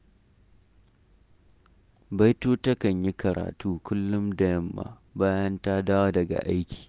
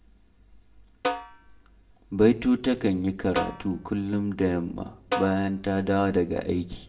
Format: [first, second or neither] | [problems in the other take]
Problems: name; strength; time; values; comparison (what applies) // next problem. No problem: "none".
first | background sound (Snare drum); 9 dB below the speech // room echo; dies away in 0.4 s